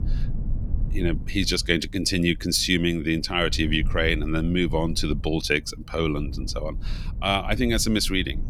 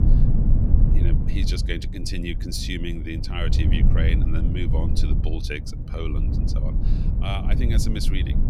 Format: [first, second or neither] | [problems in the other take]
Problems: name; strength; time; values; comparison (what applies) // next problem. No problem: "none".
first | low rumble; loud; throughout; 5 dB below the speech; faint in the first